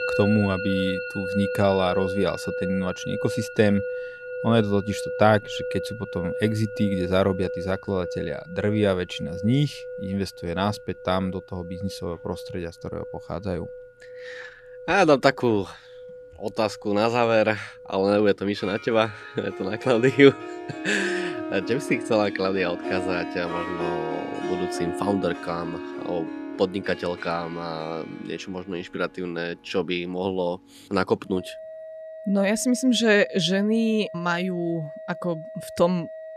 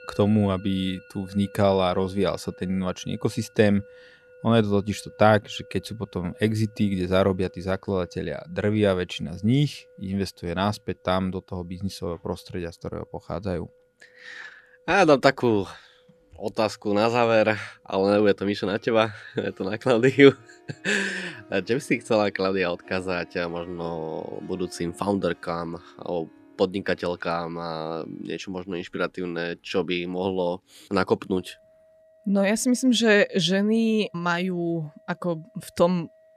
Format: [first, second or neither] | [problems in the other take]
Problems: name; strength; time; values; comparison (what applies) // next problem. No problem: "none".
second | background music; loud; throughout; 9 dB below the speech; faint in the second